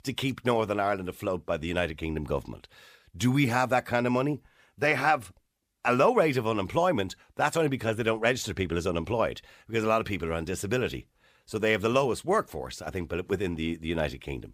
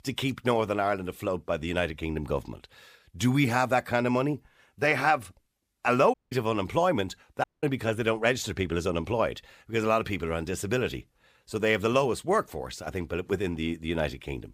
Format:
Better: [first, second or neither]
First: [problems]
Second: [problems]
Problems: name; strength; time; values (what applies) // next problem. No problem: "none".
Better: first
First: none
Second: audio cutting out; at 6 s and at 7.5 s